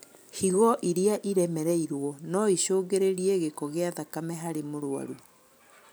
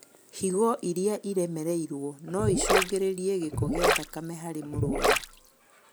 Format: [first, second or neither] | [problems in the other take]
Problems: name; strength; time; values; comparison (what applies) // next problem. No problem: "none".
first | background sound (Gurgling); 2 dB above the speech